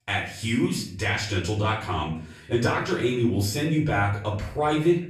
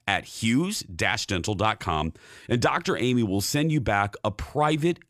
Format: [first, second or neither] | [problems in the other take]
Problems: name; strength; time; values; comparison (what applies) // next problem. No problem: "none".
second | off-mic speech; far // room echo; noticeable; dies away in 0.5 s